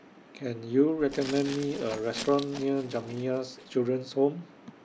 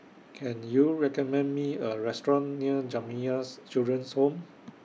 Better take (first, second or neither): second